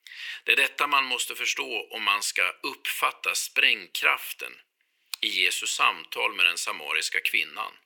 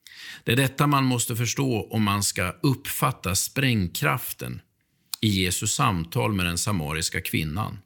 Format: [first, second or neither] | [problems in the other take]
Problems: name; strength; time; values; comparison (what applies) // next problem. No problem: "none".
second | thin; very; fading below 400 Hz